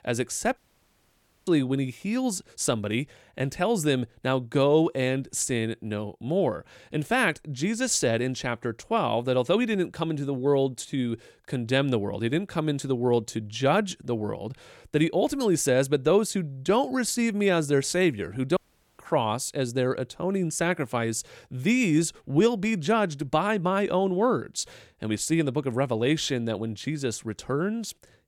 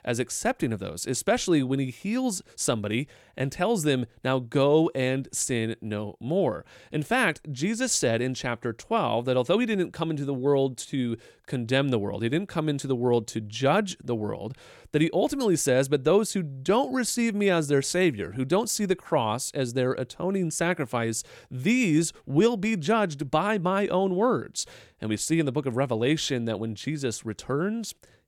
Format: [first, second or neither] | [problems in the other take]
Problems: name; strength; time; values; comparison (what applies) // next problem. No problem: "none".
second | audio cutting out; at 0.5 s for 1 s and at 19 s